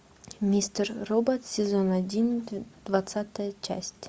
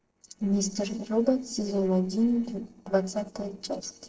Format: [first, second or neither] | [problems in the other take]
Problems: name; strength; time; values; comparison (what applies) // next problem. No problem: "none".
first | noise reduction (neural separator model SepFormer DNS4)